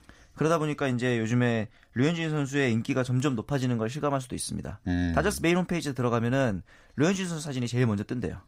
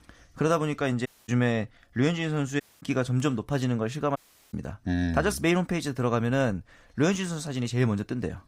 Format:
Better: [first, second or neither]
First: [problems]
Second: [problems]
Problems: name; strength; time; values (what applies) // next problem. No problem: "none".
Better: first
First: none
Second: audio cutting out; at 1 s, at 2.5 s and at 4 s